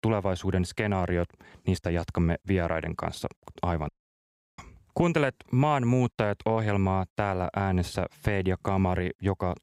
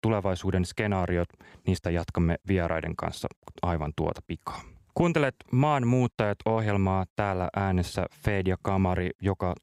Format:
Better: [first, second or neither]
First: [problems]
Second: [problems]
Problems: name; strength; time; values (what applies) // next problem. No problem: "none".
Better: second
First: audio cutting out; at 4 s for 0.5 s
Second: none